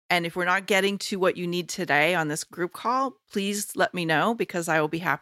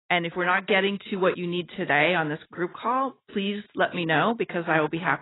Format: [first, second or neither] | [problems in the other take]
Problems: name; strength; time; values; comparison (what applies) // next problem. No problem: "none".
first | garbled, watery; badly; nothing above 4 kHz